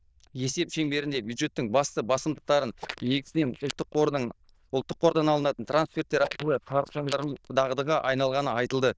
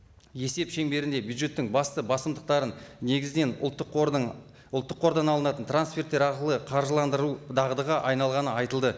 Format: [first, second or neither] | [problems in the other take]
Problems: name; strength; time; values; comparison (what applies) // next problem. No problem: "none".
second | noise reduction (neural diffusion model UNIVERSE++)